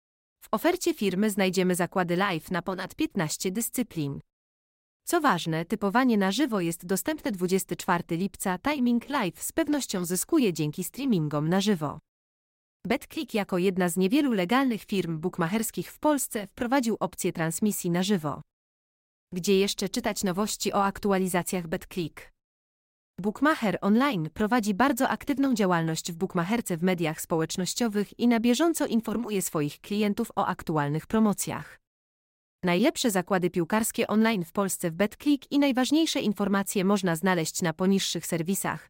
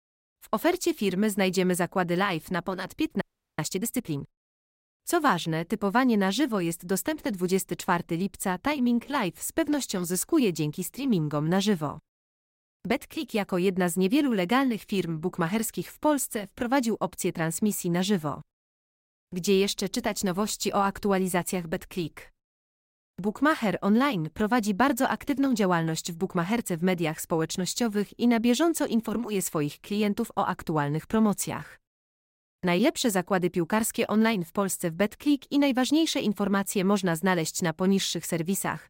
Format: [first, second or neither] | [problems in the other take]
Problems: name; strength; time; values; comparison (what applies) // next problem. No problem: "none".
first | audio freezing; at 3 s